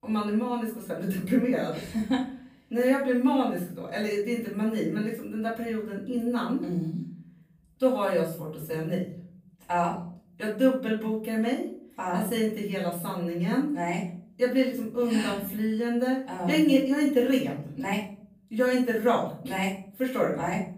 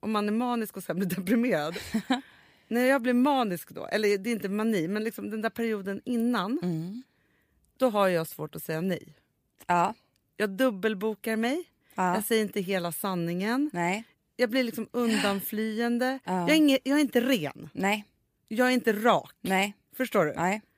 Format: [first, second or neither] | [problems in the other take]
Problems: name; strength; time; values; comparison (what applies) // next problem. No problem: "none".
second | off-mic speech; far // room echo; noticeable; dies away in 0.8 s